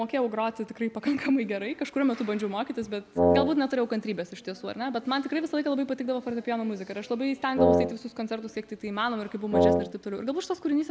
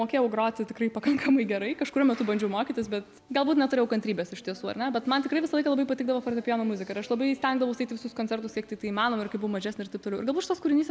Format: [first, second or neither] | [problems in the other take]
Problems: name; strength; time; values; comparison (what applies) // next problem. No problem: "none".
second | background sound (Wind instrument, woodwind instrument); 5 dB above the speech